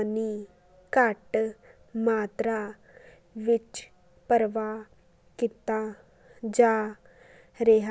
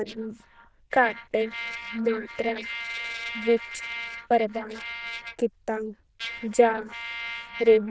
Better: first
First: none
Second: noise reduction (neural diffusion model UNIVERSE++)

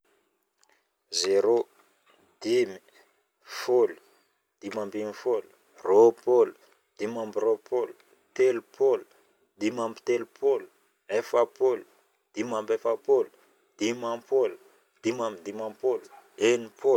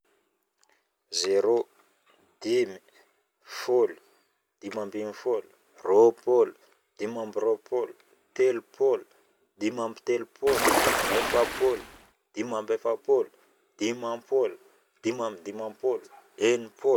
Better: first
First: none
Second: background sound (Ocean); 1 dB above the speech

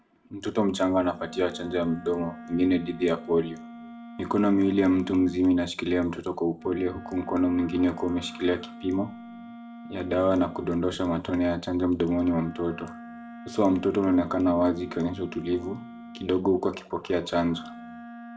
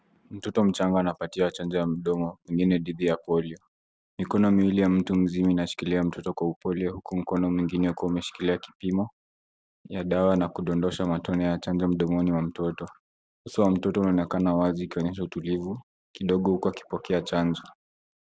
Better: second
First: background sound (Wind instrument, woodwind instrument); 17 dB below the speech // room echo; dies away in 0.3 s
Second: none

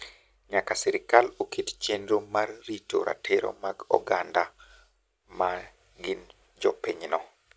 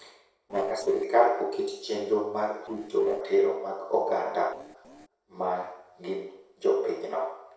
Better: first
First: none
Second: noise reduction (neural separator model SepFormer DNS4)

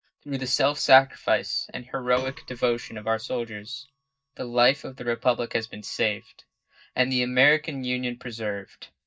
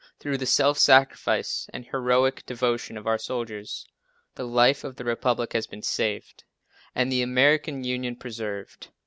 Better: second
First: noise reduction (neural mask model DeepFilterNet 3)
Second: none

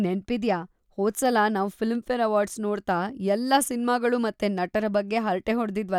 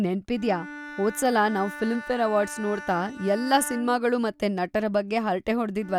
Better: first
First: none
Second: background sound (Bowed string instrument); 15 dB below the speech

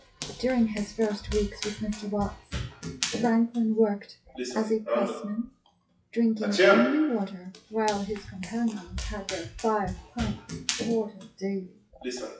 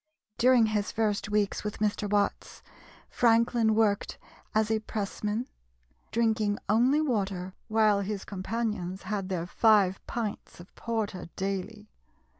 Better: second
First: noise reduction (classical method WPE with log-MMSE)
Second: none

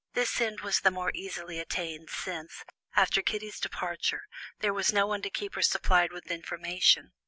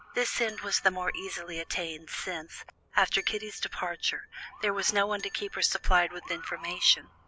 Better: first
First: none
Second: background sound (Motor vehicle (road) / Siren + Marimba, xylophone); 19 dB below the speech

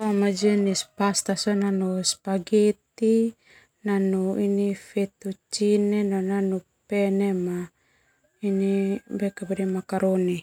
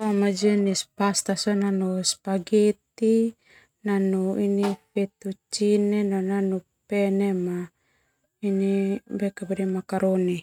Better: first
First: none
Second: noise reduction (neural mask model RNNoise)

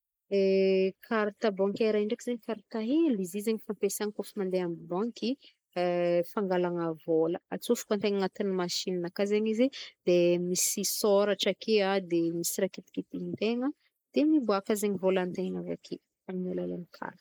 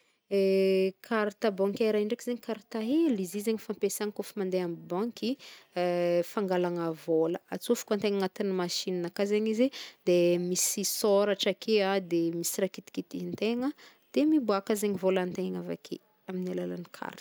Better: second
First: noise reduction (neural mask model Resemble Enhance denoiser)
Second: none

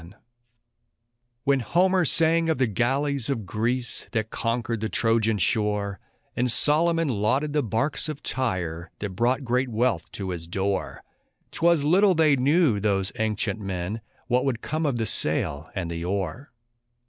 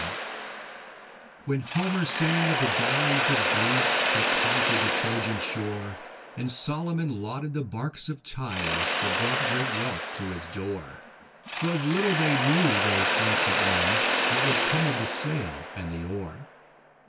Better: first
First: none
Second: background sound (Mechanisms); 2 dB above the speech // room echo; dies away in 0.1 s

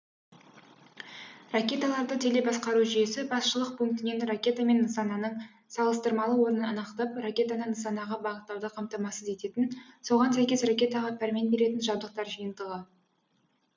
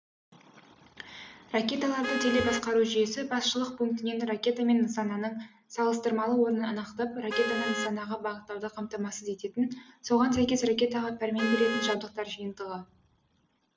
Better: first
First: none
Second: background sound (Vehicle horn, car horn, honking + Bowed string instrument); 10 dB below the speech

